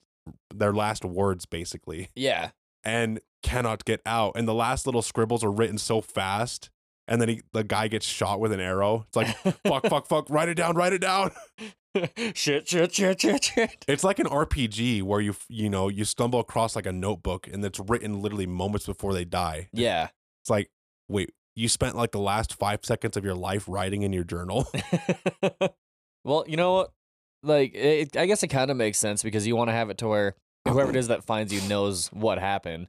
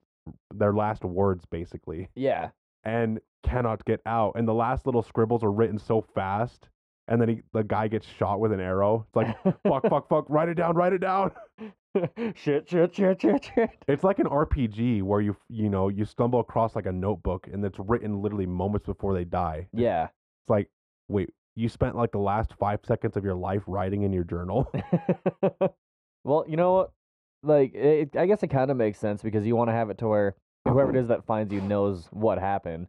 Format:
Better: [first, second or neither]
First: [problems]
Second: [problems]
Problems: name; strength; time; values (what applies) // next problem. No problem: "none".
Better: first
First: none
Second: muffled; very; fading above 3 kHz